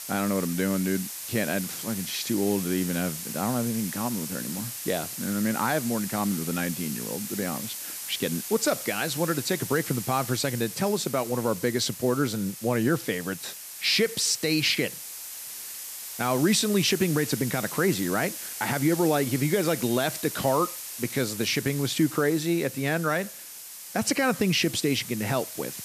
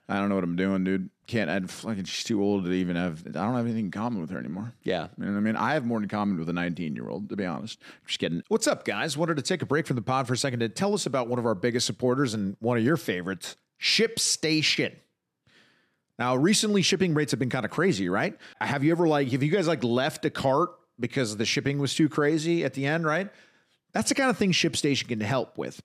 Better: second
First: hiss; loud; throughout; 8 dB below the speech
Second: none

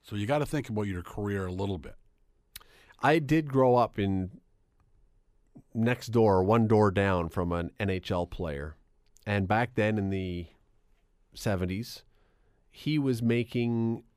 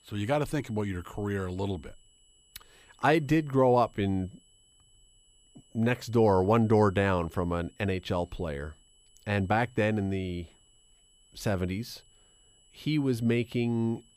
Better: first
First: none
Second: high-pitched whine; faint; throughout; 3 kHz, 30 dB below the speech

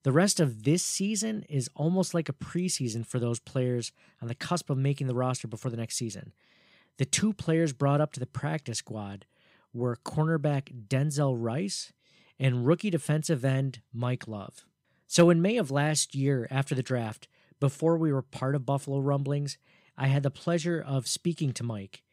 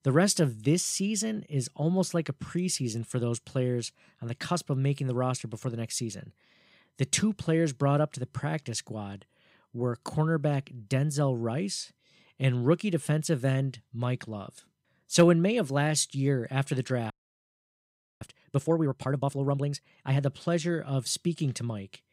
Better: first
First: none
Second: audio freezing; at 17 s for 1 s

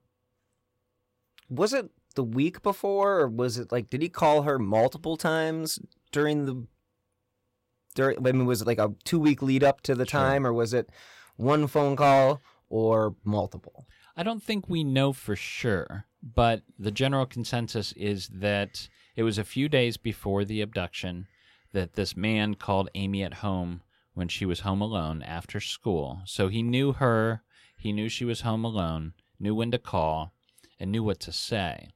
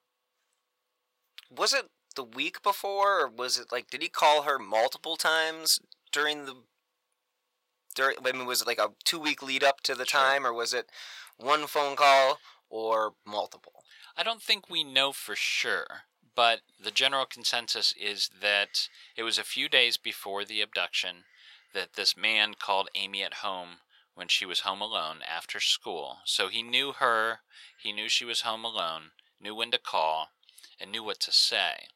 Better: first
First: none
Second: thin; very; fading below 900 Hz

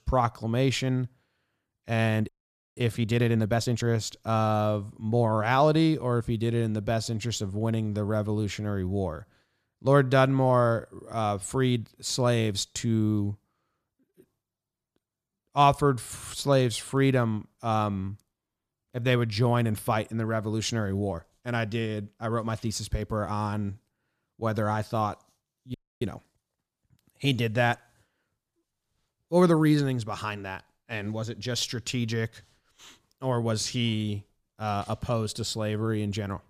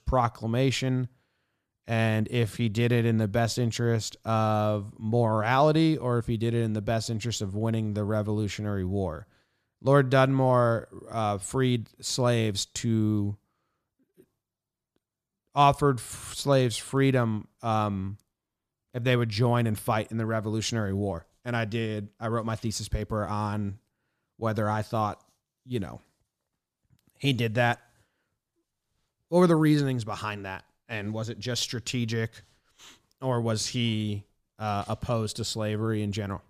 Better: second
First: audio freezing; at 2.5 s and at 26 s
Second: none

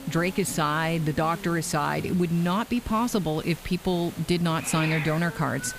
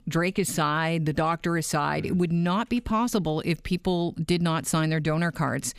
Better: second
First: hiss; noticeable; throughout; 15 dB below the speech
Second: none

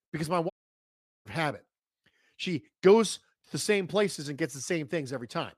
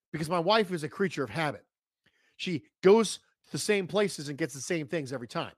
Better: second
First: audio cutting out; at 0.5 s for 1 s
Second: none

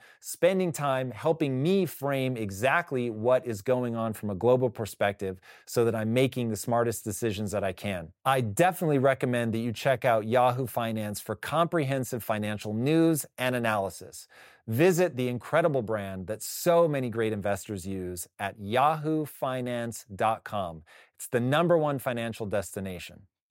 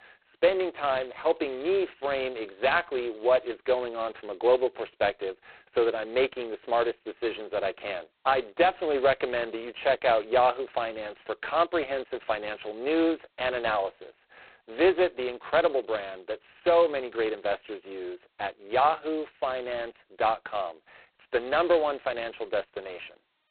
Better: first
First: none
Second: phone-call audio; poor line; nothing above 4 kHz

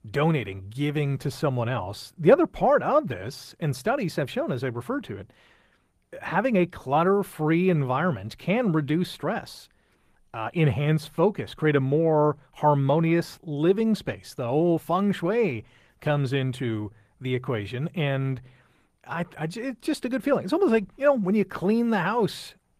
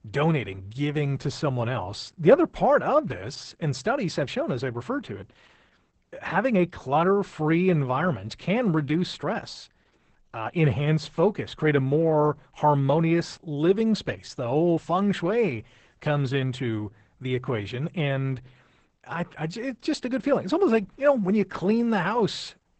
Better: first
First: garbled, watery; slightly; nothing above 14.5 kHz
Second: garbled, watery; badly; nothing above 8 kHz

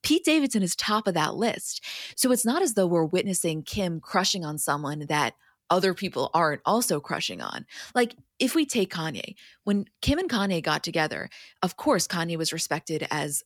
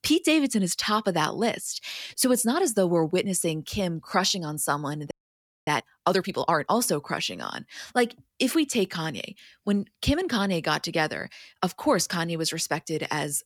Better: first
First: none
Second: audio freezing; at 5 s for 0.5 s

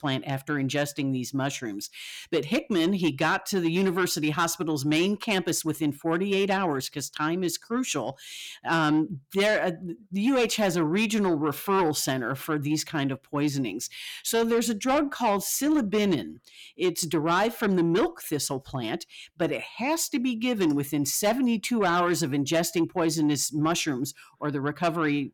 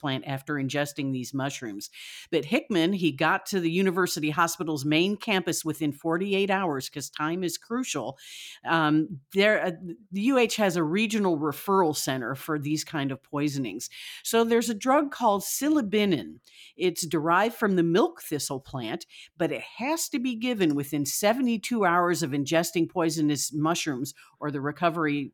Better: second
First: distortion; slight; 10 dB below the speech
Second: none

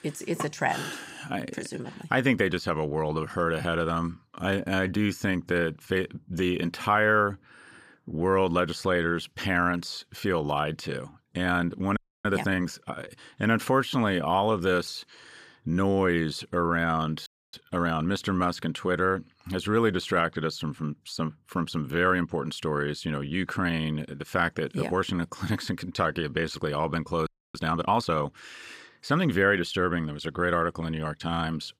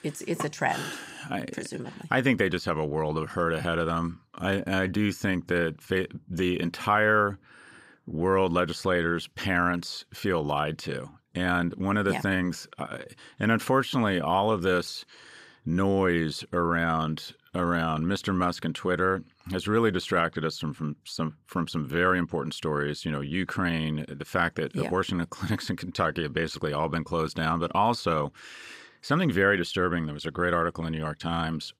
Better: second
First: audio freezing; at 12 s, at 17 s and at 27 s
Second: none

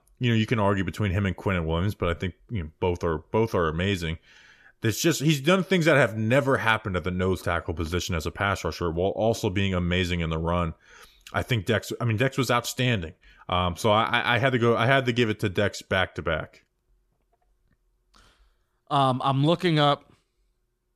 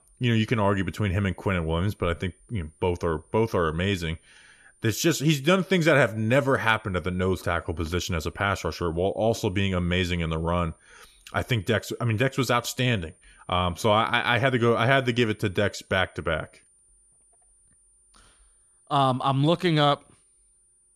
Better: first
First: none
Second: high-pitched whine; faint; throughout; 9 kHz, 35 dB below the speech

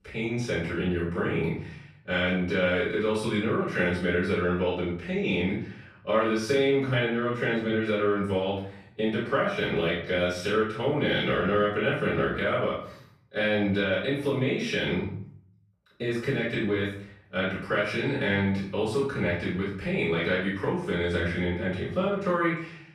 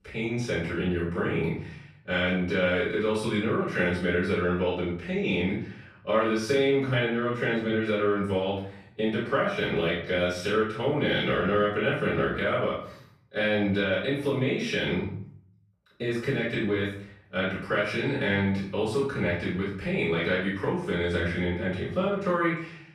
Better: neither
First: off-mic speech; far // room echo; noticeable; dies away in 0.5 s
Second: off-mic speech; far // room echo; noticeable; dies away in 0.5 s

